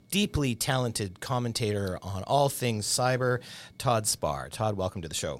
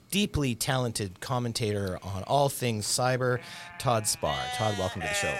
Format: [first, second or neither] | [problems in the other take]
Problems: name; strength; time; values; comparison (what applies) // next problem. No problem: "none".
first | animal sounds; loud; throughout; 6 dB below the speech